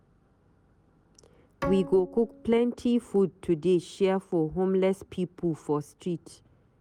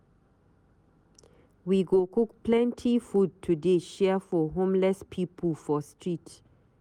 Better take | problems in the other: second | background sound (Bowed string instrument); 13 dB below the speech

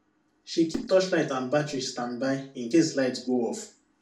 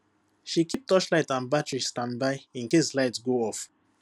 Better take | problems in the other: second | room echo; dies away in 0.3 s

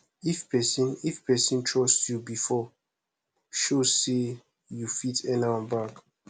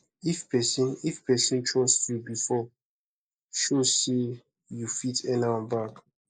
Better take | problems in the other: first | noise reduction (neural mask model Resemble Enhance denoiser)

